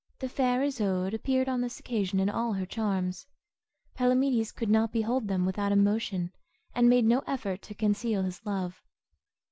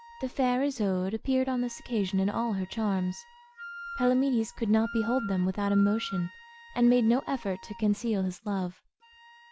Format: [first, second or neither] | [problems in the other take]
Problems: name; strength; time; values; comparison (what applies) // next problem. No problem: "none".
first | background sound (Wind instrument, woodwind instrument); 18 dB below the speech